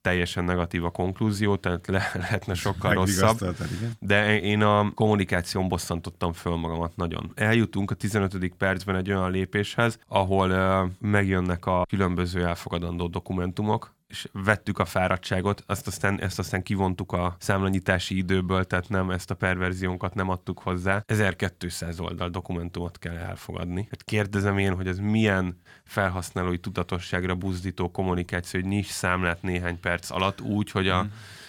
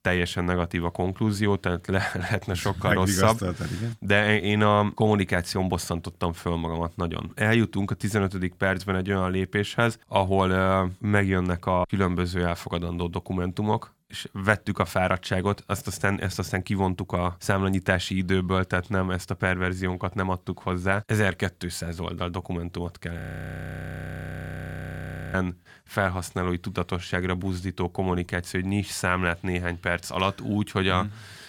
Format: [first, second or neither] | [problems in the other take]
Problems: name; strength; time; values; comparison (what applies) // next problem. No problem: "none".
first | audio freezing; at 23 s for 2 s